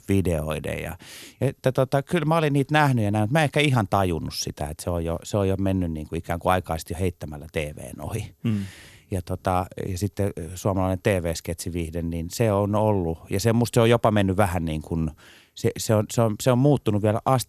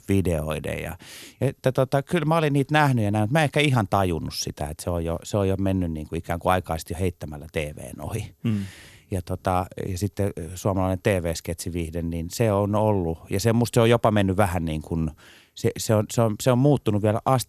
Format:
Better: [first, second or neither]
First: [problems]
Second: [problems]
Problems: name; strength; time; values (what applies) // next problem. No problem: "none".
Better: neither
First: none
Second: none